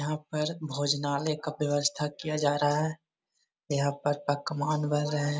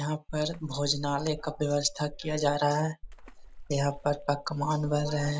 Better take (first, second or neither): first